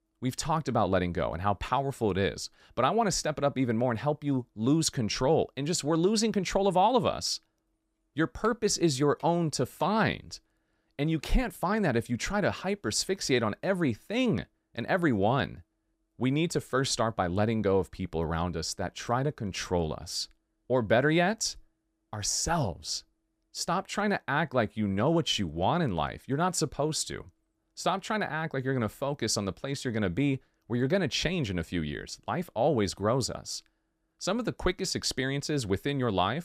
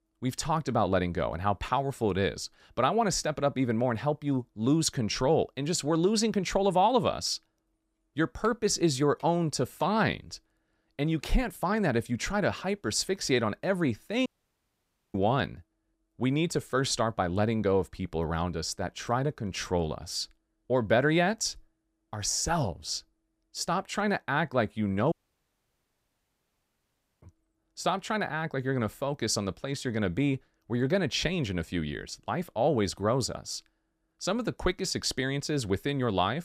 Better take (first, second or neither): first